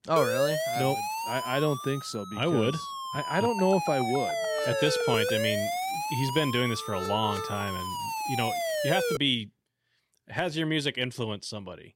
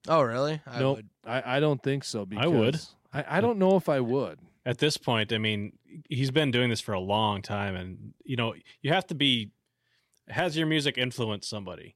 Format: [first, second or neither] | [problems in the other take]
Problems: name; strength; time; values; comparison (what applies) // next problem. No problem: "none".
second | siren; loud; until 9 s; peak 2 dB above the speech